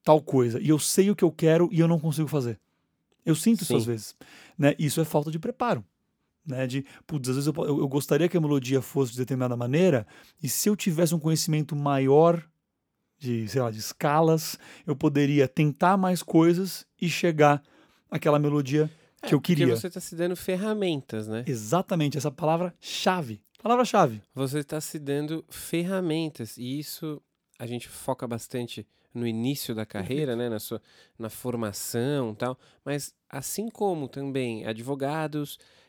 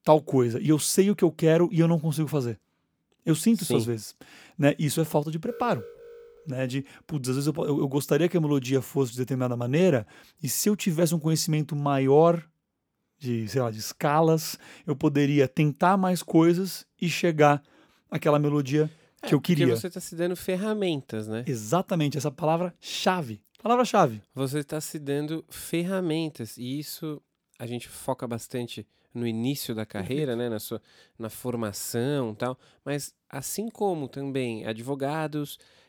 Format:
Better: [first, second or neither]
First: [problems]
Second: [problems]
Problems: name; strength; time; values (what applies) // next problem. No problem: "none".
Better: first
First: none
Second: alarm; faint; from 5.5 to 6.5 s; peak 15 dB below the speech